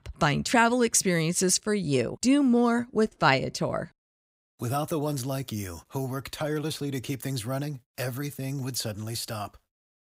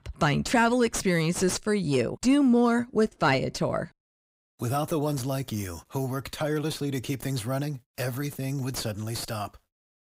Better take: first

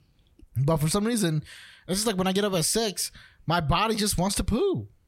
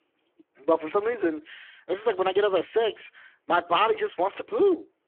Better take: first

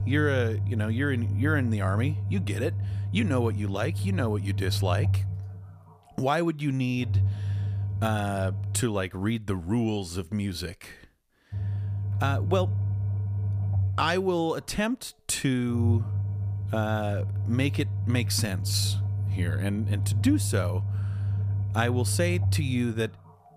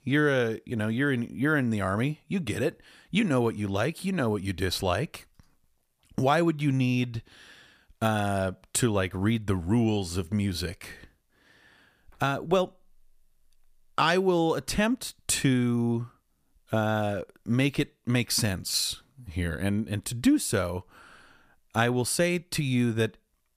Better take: second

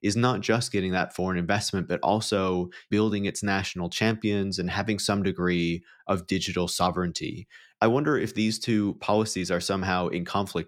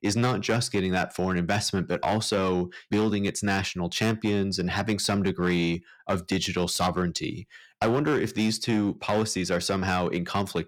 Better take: first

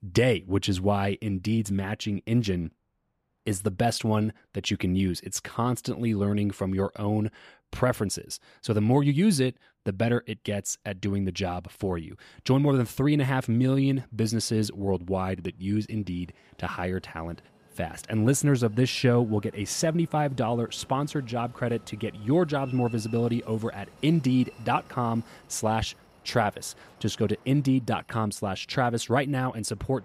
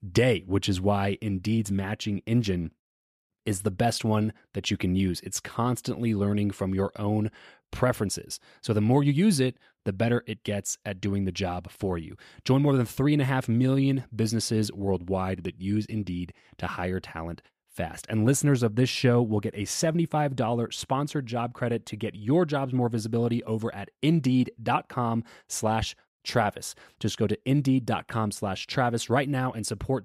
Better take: second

